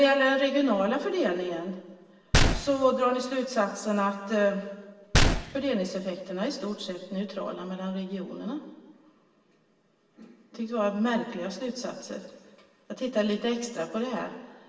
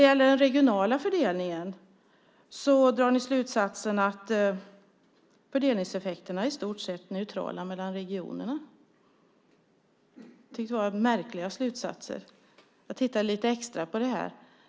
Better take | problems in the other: second | background sound (Gunshot, gunfire); as loud as the speech // room echo; dies away in 1.4 s

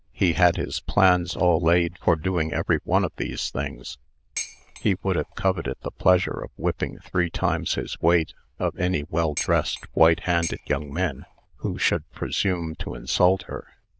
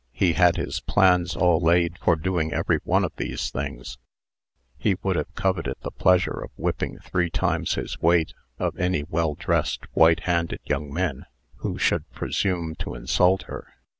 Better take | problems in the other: second | noise reduction (neural diffusion model UNIVERSE++)

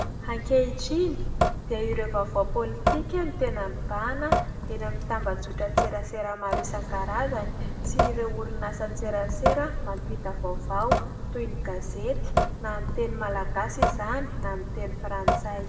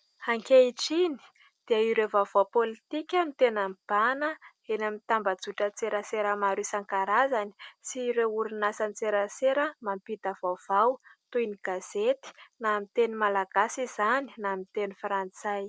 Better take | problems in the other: second | background sound (Drip / Sink (filling or washing) / Water tap, faucet); 3 dB above the speech // room echo; dies away in 1.1 s

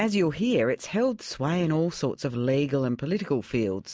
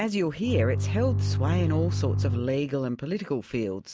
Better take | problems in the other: first | background sound (Bowed string instrument); 2 dB above the speech

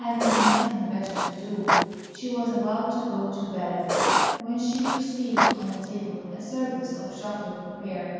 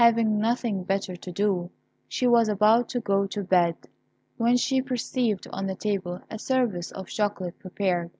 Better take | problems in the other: second | background sound (Writing); 3 dB above the speech // room echo; dies away in 2.1 s

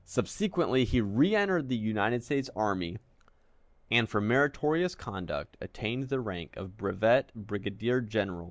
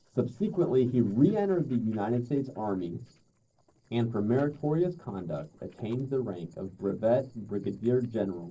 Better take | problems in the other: first | noise reduction (neural separator model SepFormer DNS4)

